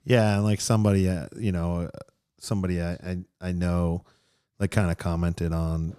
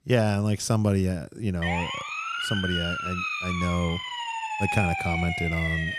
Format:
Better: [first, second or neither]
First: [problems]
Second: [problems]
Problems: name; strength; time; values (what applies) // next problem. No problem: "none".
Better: first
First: none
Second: siren; loud; from 1.5 s on; peak 1 dB above the speech